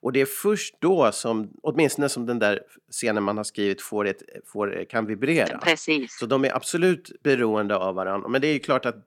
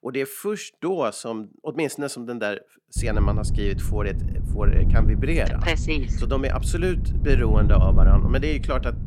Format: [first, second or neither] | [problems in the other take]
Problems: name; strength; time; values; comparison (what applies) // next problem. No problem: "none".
first | wind noise on the microphone; heavy; from 3 s on; 10 dB below the speech